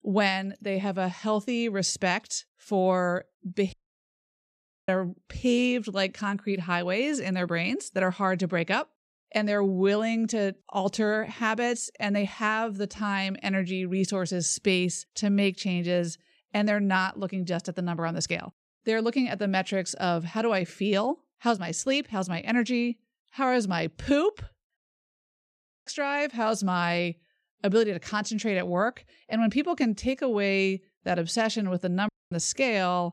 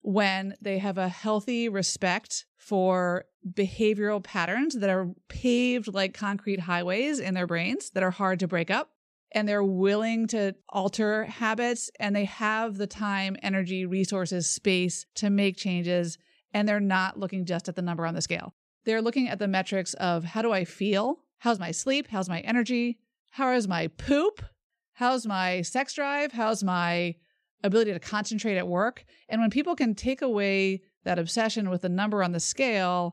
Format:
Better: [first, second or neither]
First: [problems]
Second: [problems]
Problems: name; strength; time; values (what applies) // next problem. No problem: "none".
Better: second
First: audio cutting out; at 3.5 s for 1 s, at 25 s for 1 s and at 32 s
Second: none